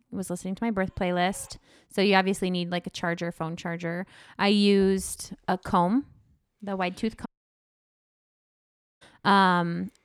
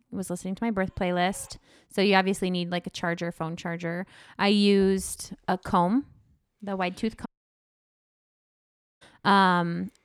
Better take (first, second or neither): neither